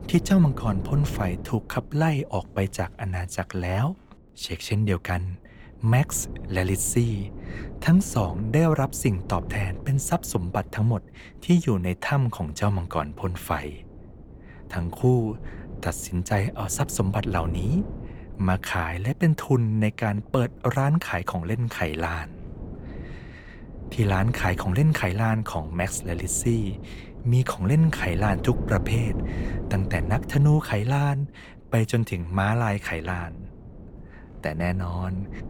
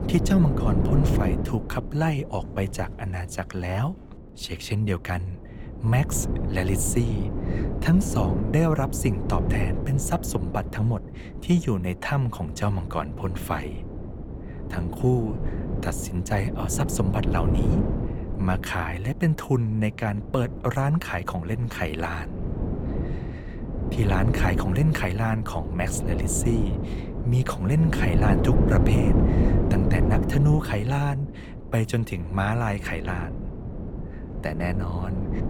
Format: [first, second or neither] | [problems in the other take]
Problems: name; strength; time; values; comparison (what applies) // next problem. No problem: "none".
first | wind noise on the microphone; heavy; 5 dB below the speech; occasional gusts in the first